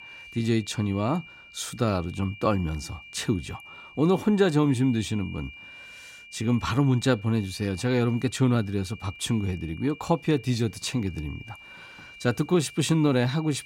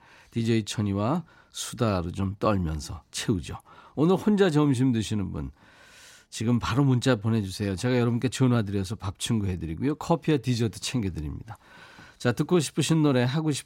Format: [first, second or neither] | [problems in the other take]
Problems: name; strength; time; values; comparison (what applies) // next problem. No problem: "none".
second | high-pitched whine; noticeable; throughout; 2.5 kHz, 20 dB below the speech